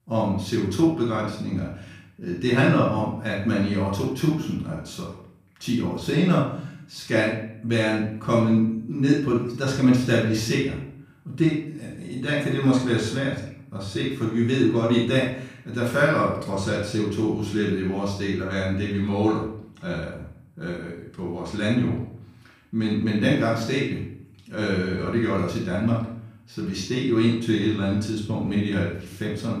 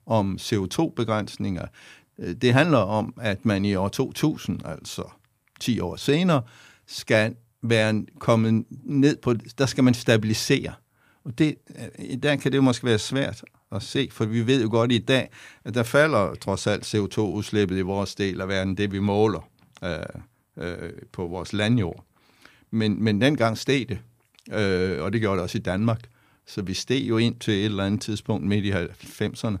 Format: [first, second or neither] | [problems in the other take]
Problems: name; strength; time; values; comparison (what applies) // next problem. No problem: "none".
second | room echo; noticeable; dies away in 0.6 s // off-mic speech; far